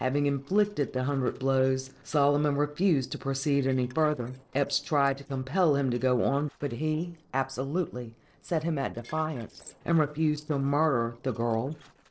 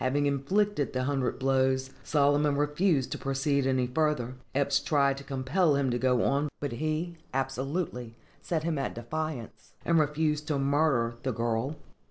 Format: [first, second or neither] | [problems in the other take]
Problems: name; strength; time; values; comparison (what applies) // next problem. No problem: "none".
second | noise reduction (neural separator model SepFormer DNS4)